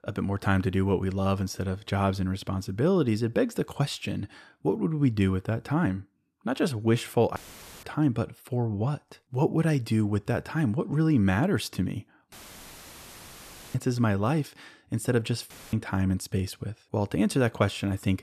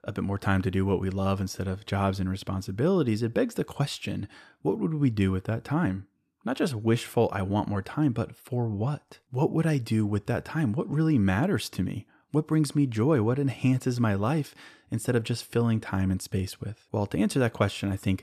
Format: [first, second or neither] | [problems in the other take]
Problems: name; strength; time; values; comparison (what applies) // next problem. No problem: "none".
second | audio cutting out; filled with static; at 7.5 s, at 12 s for 1.5 s and at 16 s